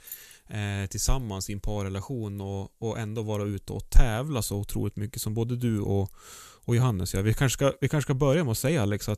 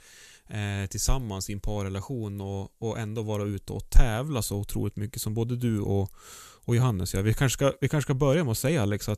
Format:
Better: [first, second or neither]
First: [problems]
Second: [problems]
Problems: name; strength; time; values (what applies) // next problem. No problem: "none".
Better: second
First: jangling keys; faint; at the start; peak 15 dB below the speech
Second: none